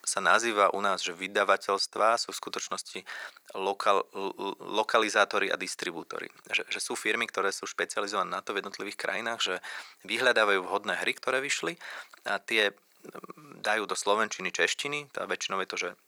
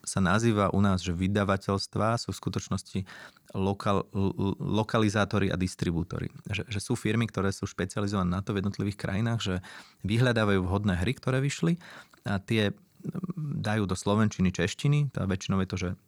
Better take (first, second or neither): second